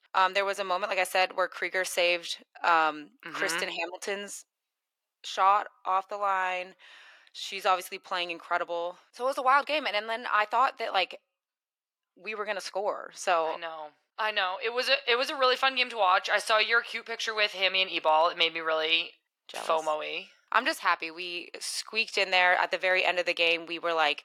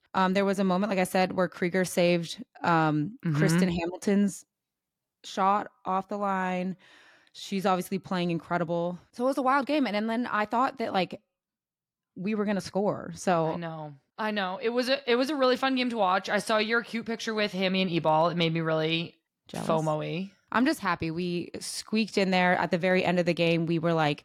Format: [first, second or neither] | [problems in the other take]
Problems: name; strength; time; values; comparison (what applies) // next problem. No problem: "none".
second | thin; very; fading below 500 Hz